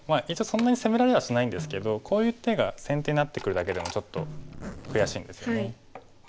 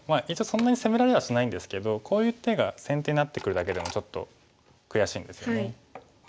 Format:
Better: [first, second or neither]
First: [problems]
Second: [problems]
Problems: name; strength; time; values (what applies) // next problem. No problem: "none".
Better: second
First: background sound (Snare drum + Zipper (clothing)); 15 dB below the speech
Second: none